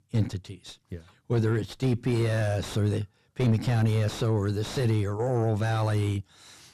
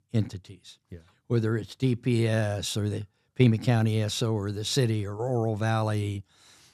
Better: second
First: distortion; heavy; 6 dB below the speech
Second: none

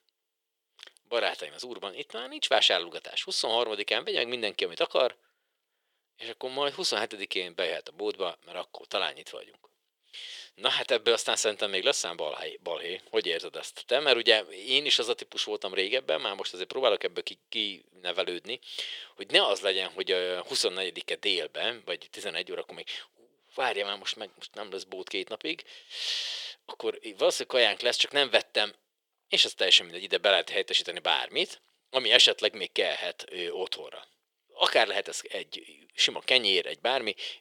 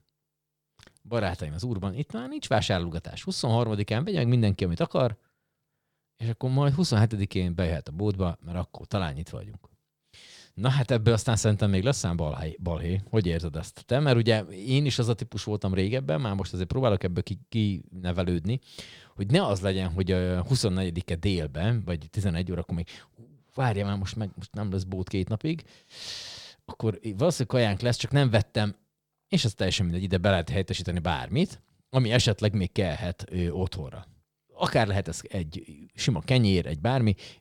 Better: second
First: thin; very; fading below 400 Hz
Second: none

